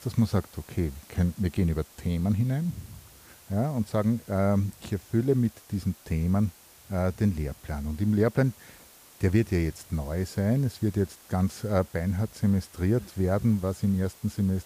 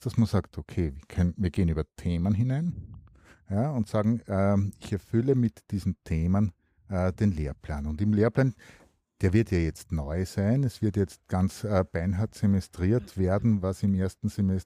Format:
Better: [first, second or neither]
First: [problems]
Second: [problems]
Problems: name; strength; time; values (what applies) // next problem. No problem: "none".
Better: second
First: hiss; faint; throughout; 25 dB below the speech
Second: none